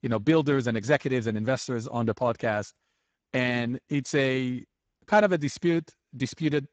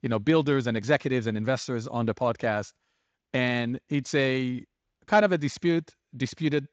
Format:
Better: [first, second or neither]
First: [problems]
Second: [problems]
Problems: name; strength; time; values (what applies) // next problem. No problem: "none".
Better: second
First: garbled, watery; badly; nothing above 7.5 kHz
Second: garbled, watery; slightly; nothing above 7.5 kHz